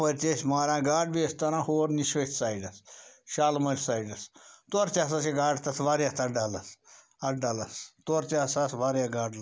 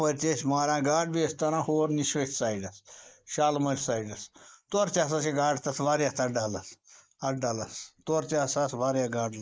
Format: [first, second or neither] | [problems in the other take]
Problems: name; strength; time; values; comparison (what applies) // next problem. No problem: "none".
first | noise reduction (neural mask model Resemble Enhance denoiser)